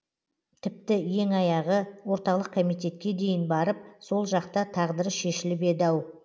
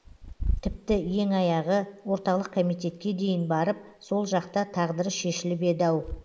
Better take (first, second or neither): first